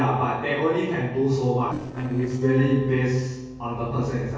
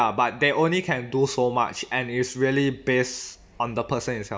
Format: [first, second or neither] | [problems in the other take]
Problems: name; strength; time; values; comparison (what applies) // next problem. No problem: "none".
second | noise reduction (neural separator model SepFormer DNS4)